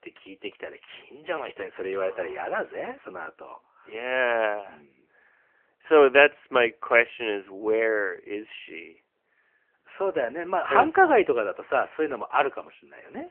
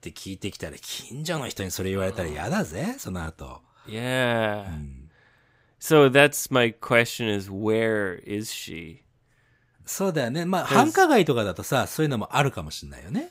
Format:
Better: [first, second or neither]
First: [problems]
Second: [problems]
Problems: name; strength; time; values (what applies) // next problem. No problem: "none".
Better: second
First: phone-call audio; nothing above 3 kHz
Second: none